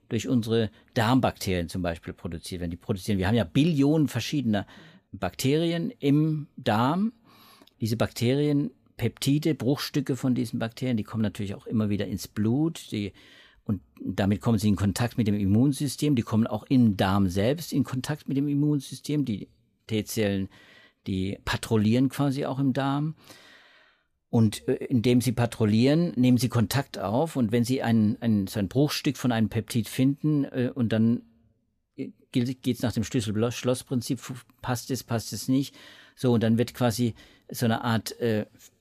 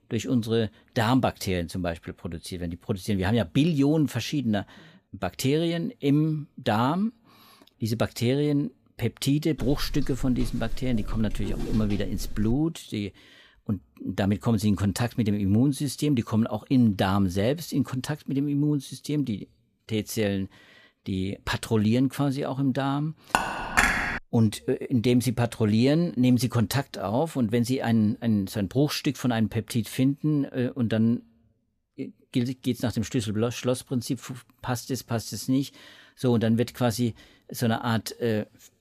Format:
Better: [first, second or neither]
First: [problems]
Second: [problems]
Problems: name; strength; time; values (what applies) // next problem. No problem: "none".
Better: first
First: none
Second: footsteps; noticeable; from 9.5 to 13 s; peak 8 dB below the speech // clattering dishes; loud; at 23 s; peak 5 dB above the speech